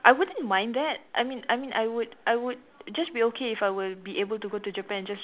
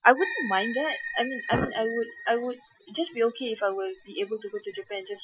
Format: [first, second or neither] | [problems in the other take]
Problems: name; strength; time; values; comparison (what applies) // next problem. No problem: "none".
first | noise reduction (classical method Wiener filter)